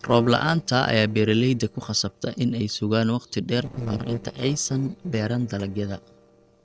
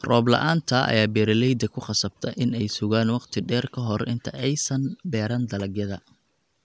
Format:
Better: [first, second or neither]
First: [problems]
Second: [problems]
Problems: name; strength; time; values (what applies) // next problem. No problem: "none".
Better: second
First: noise reduction (neural separator model SepFormer DNS4)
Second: none